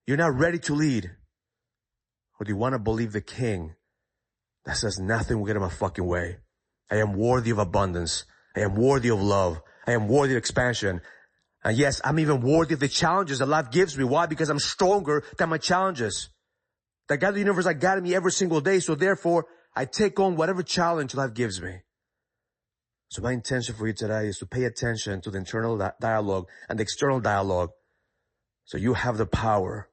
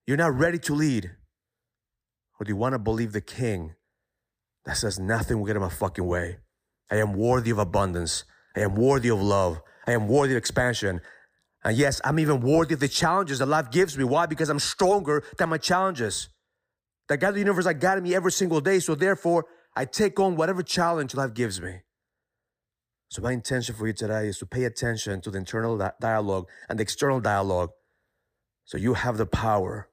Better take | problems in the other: second | garbled, watery; slightly; nothing above 8 kHz

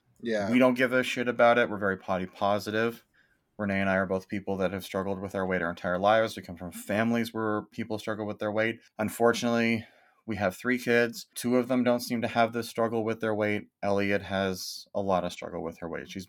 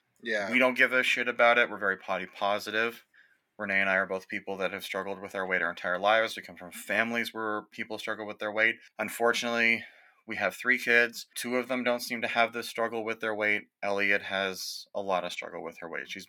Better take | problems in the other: first | thin; somewhat; fading below 1 kHz

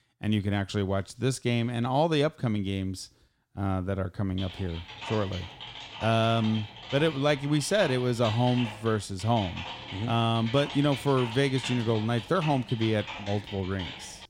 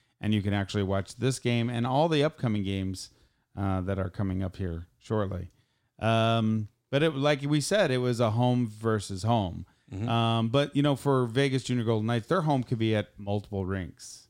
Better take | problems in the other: second | keyboard typing; noticeable; from 4.5 s on; peak 8 dB below the speech

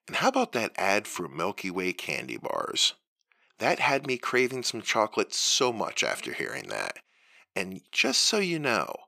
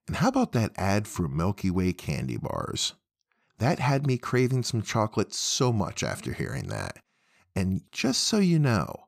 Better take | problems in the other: second | thin; somewhat; fading below 450 Hz

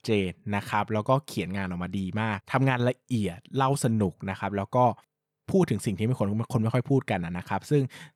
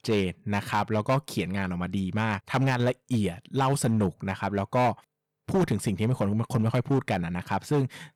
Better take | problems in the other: first | distortion; slight; 6% of the sound clipped

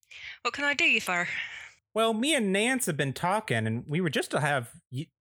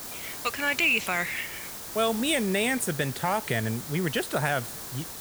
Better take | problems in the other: first | hiss; loud; throughout; 9 dB below the speech

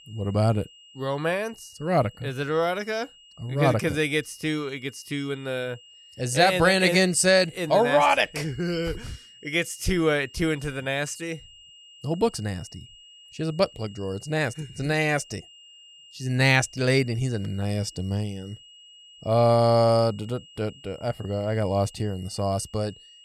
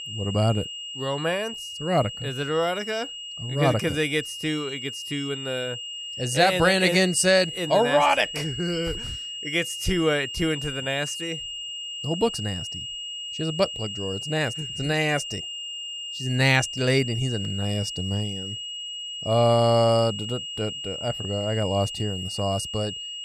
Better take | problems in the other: first | high-pitched whine; loud; throughout; 3 kHz, 7 dB below the speech; faint in the first

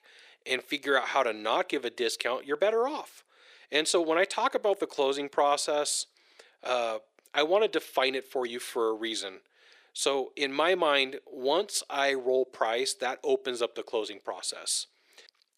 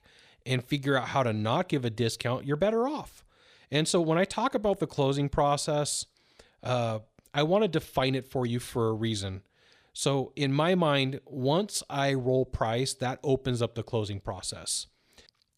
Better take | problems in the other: second | thin; somewhat; fading below 350 Hz

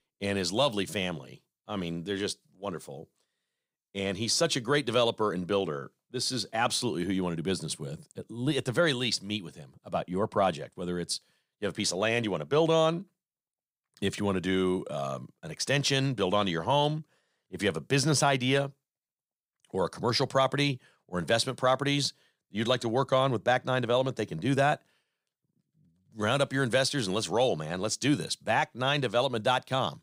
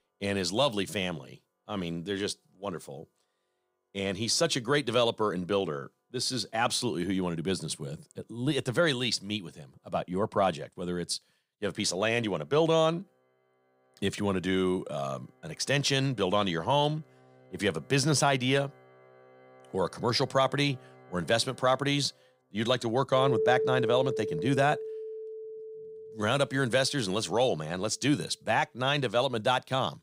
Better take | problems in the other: first | background music; loud; throughout; 6 dB below the speech

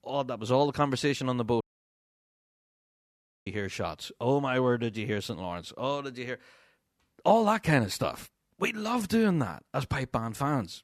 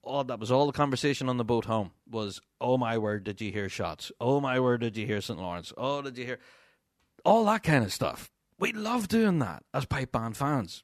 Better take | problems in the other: second | audio cutting out; at 1.5 s for 2 s

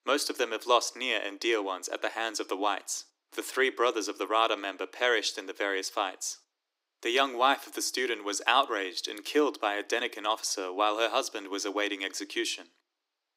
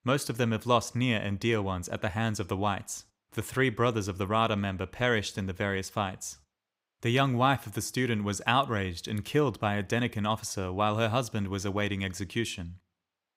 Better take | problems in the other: second | thin; somewhat; fading below 300 Hz

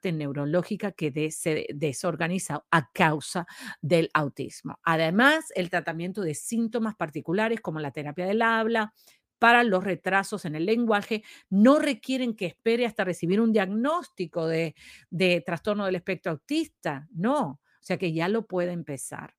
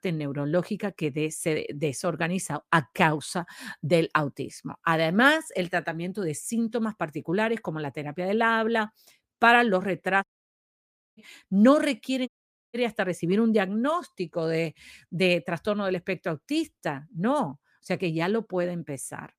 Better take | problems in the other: first | audio cutting out; at 10 s for 1 s and at 12 s

